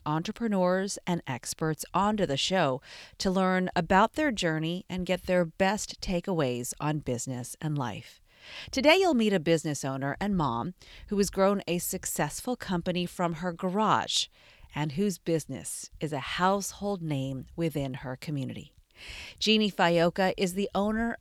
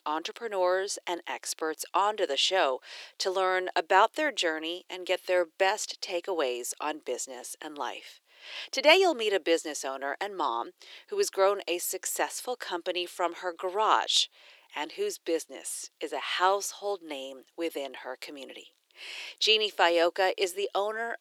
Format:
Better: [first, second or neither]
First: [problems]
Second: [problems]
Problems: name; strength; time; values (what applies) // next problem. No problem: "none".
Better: first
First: none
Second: thin; very; fading below 350 Hz